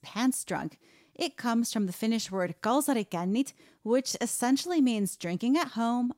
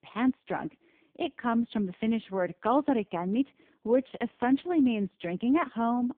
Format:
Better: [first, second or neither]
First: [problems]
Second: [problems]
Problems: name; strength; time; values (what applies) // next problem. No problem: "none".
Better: first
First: none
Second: phone-call audio; poor line